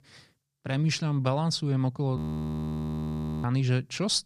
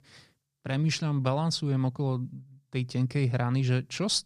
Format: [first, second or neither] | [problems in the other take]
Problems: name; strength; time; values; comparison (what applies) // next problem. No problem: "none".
second | audio freezing; at 2 s for 1.5 s